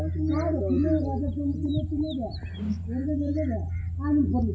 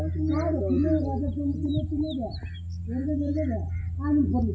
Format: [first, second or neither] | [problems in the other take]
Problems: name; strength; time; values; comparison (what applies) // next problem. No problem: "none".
second | background sound (Whoosh, swoosh, swish); 13 dB below the speech